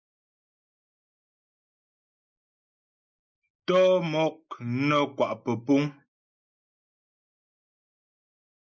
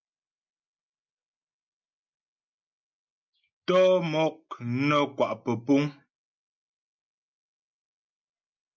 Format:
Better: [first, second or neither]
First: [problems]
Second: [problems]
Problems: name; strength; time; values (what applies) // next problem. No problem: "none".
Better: second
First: noise reduction (neural mask model Resemble Enhance denoiser)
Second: none